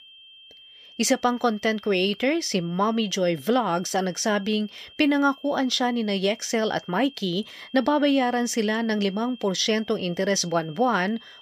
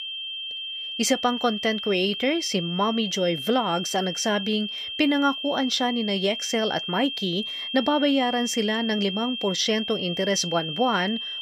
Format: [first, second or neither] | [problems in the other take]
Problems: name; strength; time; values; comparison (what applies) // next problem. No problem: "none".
first | high-pitched whine; loud; throughout; 3 kHz, 5 dB below the speech; faint in the first